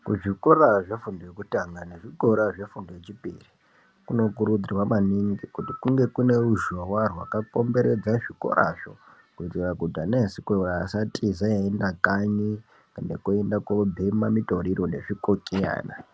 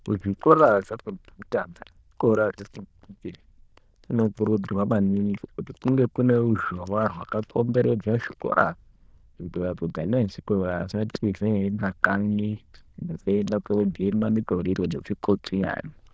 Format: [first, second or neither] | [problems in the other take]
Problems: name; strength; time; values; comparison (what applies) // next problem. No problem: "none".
first | noise reduction (neural diffusion model UNIVERSE++)